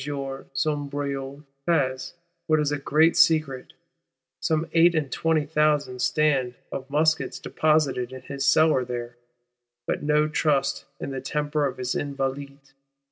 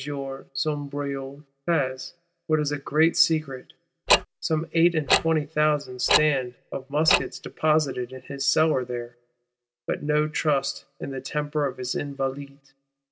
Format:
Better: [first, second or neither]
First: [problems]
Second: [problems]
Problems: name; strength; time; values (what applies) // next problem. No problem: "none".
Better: first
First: none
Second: background sound (Tick-tock); 2 dB below the speech